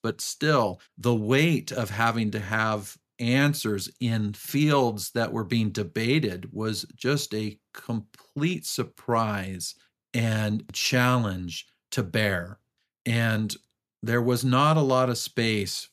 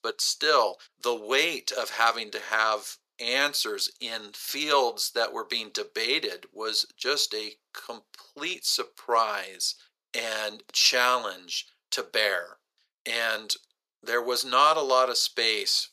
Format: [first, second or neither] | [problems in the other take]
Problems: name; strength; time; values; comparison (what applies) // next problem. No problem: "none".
first | thin; very; fading below 450 Hz